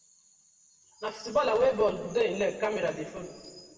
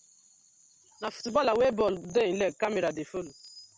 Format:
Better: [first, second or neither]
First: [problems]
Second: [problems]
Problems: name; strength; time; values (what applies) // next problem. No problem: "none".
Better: second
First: room echo; dies away in 1.8 s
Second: none